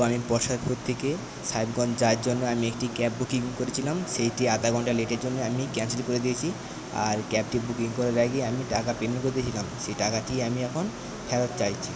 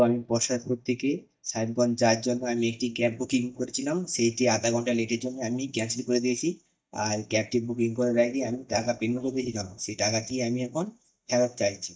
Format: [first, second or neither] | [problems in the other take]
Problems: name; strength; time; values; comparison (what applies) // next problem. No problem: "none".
first | noise reduction (neural mask model DeepFilterNet 3)